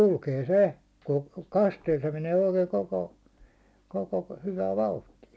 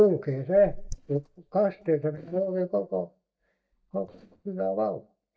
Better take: first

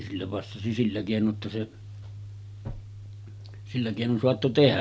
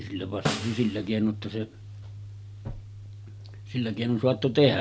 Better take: first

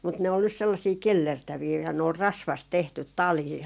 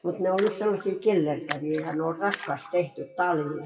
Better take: first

